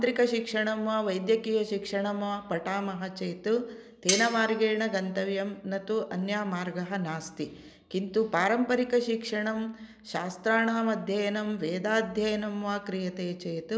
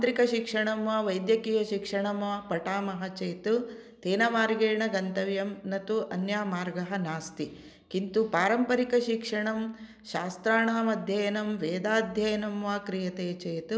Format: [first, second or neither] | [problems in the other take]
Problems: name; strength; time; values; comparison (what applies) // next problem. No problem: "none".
second | background sound (Cutlery, silverware); 4 dB below the speech